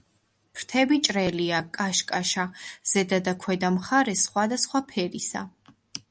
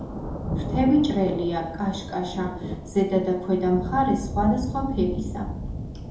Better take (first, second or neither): first